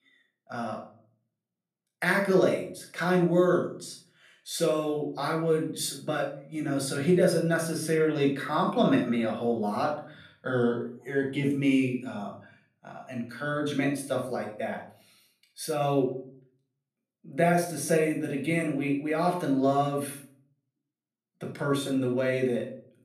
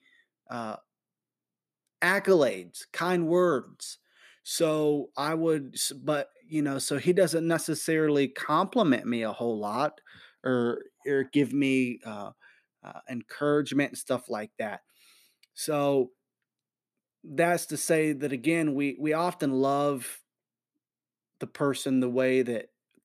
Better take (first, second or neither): second